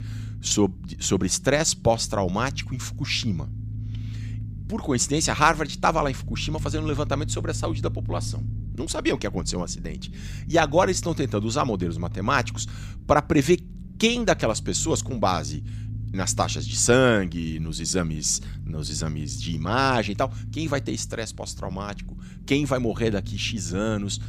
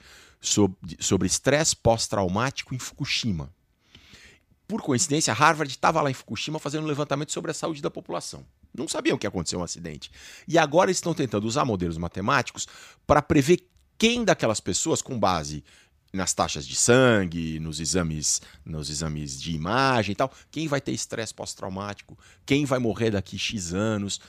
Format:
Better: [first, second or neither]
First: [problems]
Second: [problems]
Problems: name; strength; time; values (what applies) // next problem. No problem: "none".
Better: second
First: low rumble; faint; throughout; 20 dB below the speech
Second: none